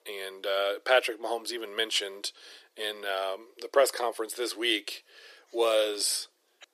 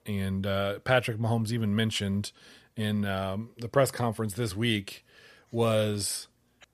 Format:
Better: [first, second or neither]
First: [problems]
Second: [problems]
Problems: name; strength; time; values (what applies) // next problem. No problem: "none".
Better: second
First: thin; very; fading below 350 Hz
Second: none